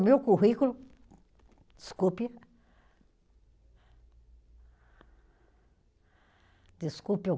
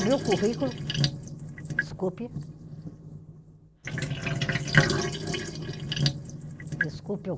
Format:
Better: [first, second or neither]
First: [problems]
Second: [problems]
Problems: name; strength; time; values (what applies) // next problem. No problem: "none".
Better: first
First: none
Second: background sound (Sink (filling or washing)); 4 dB above the speech